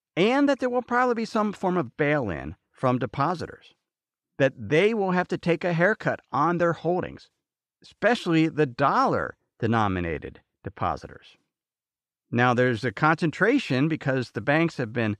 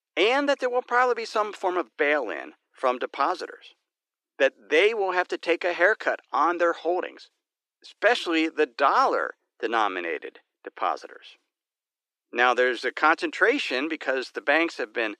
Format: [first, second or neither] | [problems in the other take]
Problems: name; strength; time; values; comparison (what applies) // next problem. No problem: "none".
first | thin; somewhat; fading below 350 Hz